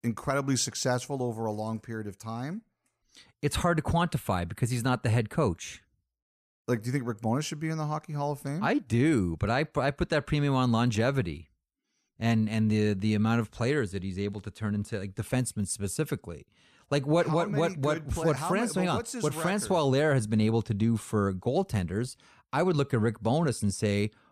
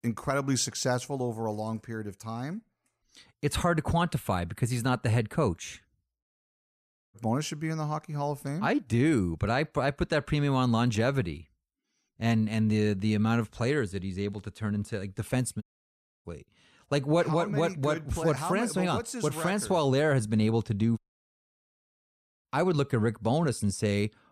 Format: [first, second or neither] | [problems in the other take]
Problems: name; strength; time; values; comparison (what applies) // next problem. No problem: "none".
first | audio cutting out; at 6.5 s for 0.5 s, at 16 s for 0.5 s and at 21 s for 1.5 s